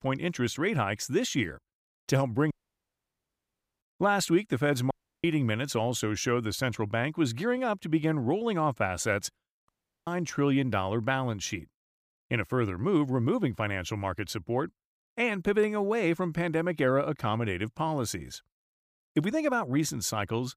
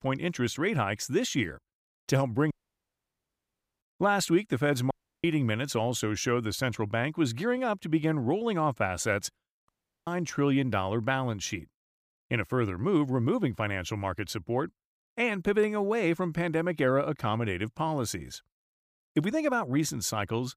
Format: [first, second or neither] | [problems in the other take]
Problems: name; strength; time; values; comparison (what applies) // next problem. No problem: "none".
neither | audio cutting out; at 2.5 s for 1.5 s, at 5 s and at 9.5 s; the same in both